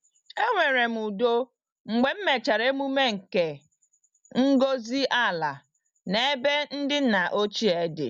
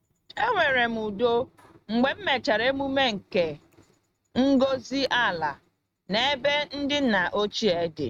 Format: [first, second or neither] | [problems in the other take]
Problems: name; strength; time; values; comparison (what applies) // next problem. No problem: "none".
first | noise reduction (neural mask model RNNoise)